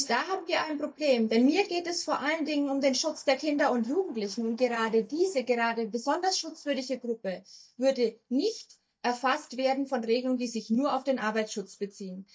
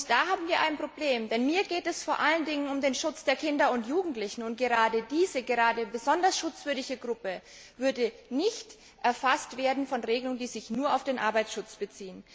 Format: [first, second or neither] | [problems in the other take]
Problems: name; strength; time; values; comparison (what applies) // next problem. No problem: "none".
second | noise reduction (neural mask model DeepFilterNet 3)